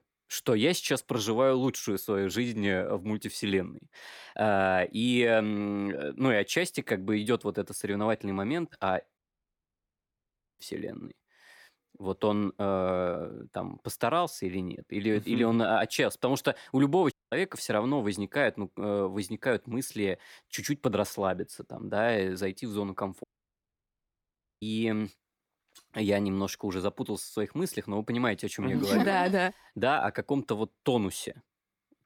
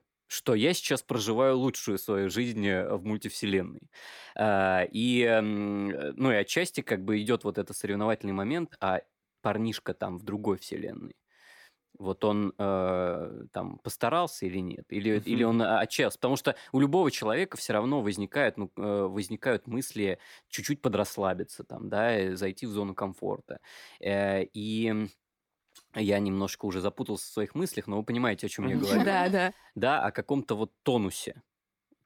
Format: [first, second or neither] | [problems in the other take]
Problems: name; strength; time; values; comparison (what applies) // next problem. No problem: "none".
second | audio cutting out; at 9 s for 1.5 s, at 17 s and at 23 s for 1.5 s